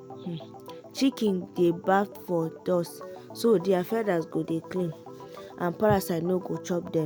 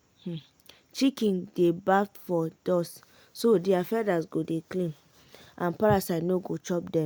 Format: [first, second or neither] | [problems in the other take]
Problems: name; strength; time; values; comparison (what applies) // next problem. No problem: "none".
second | background sound (Organ); 16 dB below the speech